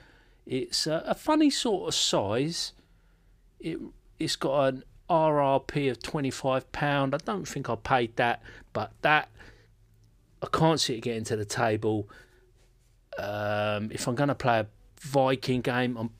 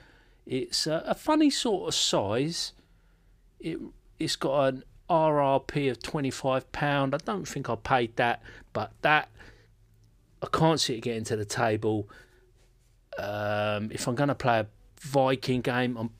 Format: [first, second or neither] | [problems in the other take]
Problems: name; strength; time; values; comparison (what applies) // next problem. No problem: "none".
neither | none